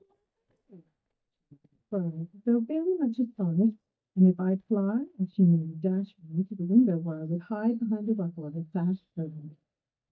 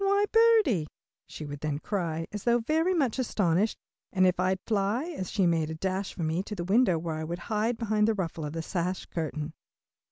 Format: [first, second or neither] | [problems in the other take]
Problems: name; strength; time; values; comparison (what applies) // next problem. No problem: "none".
second | noise reduction (neural mask model DeepFilterNet 3)